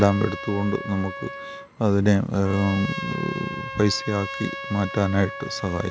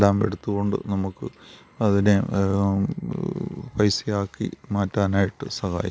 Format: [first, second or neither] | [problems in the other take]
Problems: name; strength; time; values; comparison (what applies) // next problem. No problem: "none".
second | background sound (Trumpet); 11 dB below the speech